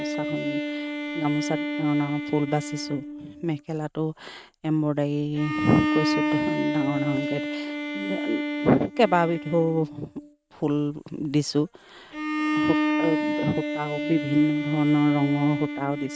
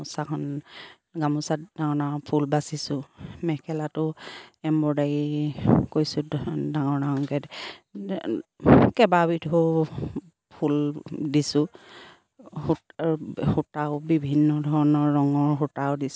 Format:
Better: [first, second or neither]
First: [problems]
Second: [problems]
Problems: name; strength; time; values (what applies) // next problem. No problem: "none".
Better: second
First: noise reduction (neural mask model RNNoise)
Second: none